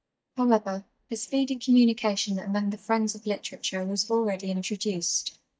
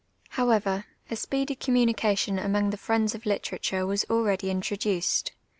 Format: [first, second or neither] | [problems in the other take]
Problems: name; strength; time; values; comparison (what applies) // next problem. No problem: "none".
second | noise reduction (neural mask model DeepFilterNet 3)